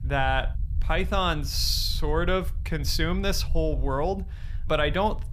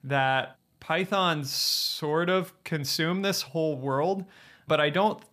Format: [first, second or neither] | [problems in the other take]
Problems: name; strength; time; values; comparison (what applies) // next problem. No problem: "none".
second | low rumble; faint; throughout; 25 dB below the speech